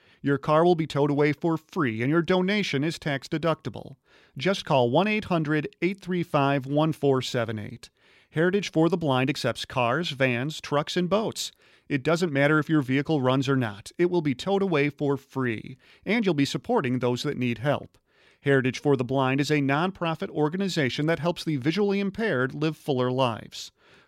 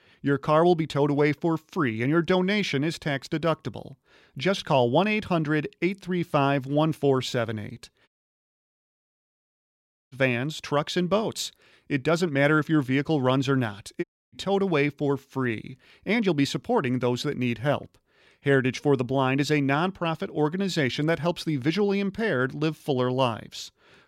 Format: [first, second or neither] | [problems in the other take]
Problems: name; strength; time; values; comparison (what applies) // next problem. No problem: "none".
first | audio cutting out; at 8 s for 2 s and at 14 s